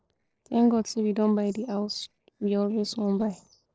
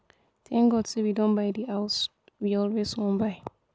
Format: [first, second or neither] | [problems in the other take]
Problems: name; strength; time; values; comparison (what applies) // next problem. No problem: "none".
second | noise reduction (neural separator model SepFormer DNS4)